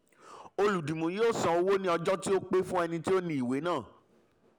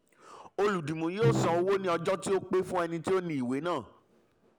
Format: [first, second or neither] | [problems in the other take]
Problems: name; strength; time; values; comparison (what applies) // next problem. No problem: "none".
first | background sound (Bowed string instrument); 7 dB below the speech